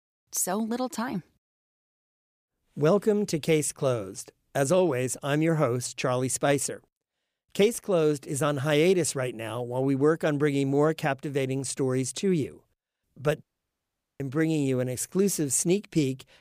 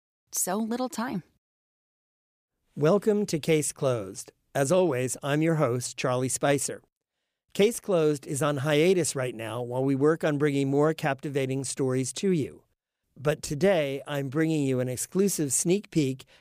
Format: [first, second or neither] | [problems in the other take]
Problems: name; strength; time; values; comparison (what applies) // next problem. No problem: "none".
second | audio cutting out; at 13 s for 1 s